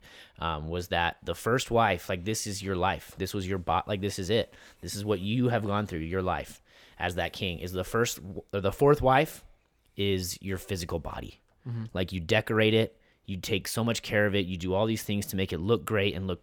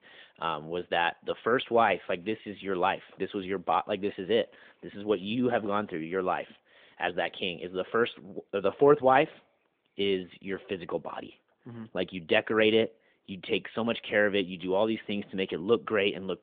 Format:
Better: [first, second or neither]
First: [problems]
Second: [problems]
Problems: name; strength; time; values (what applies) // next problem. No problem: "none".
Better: first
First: none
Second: phone-call audio